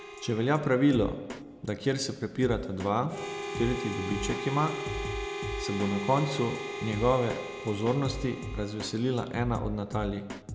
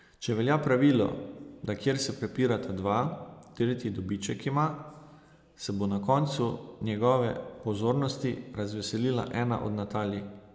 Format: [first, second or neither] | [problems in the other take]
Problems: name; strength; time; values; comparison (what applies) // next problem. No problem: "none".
second | background sound (Harmonica + Drum kit); 7 dB below the speech